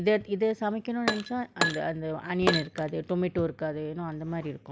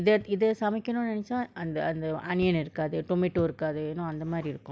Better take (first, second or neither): second